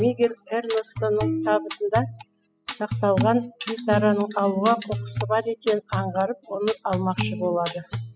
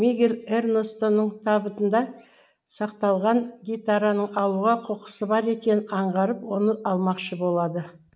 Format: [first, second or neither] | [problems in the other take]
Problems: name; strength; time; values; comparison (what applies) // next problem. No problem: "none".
second | noise reduction (classical method spectral subtraction)